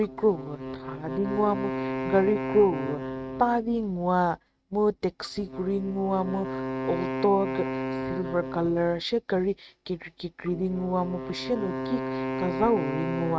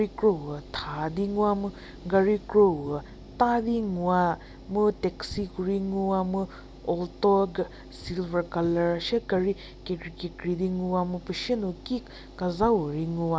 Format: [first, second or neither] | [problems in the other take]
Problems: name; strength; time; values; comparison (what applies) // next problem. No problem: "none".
second | noise reduction (neural mask model RNNoise)